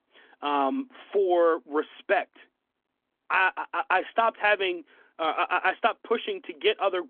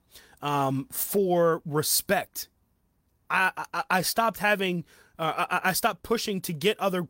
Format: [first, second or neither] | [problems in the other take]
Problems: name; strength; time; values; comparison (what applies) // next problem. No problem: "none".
second | phone-call audio; nothing above 3.5 kHz